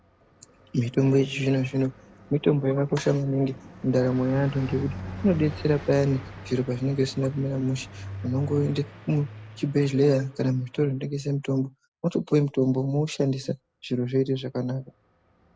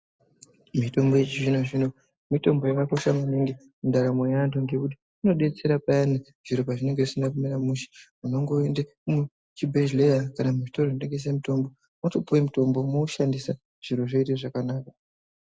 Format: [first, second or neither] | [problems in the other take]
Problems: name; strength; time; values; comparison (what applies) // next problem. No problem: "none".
second | background sound (Car passing by); 17 dB below the speech